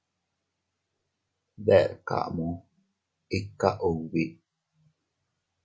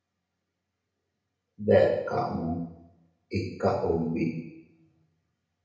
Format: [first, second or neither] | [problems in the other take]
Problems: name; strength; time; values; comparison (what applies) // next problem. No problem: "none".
first | room echo; dies away in 0.8 s